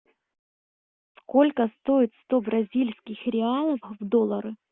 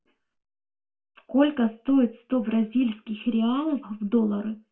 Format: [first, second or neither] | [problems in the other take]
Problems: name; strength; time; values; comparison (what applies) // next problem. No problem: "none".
first | room echo; dies away in 0.2 s